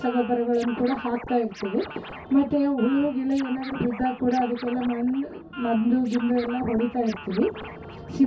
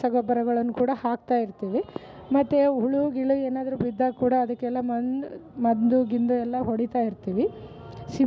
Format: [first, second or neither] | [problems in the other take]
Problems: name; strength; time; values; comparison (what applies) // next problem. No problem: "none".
second | background sound (Scratching (performance technique)); 16 dB below the speech // room echo; dies away in 0.2 s